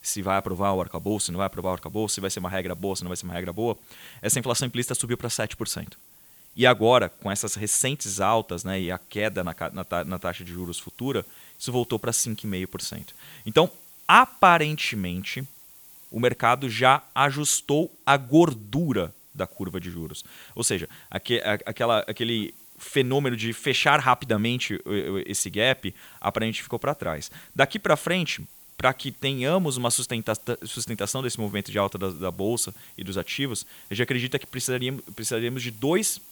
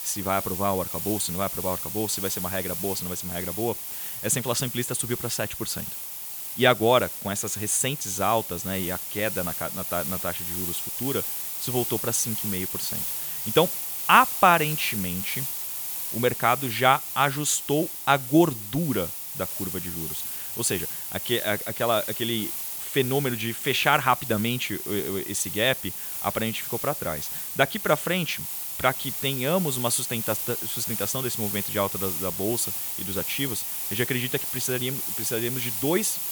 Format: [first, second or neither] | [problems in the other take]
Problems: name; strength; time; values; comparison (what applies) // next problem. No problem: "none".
first | hiss; loud; throughout; 3 dB below the speech; faint in the first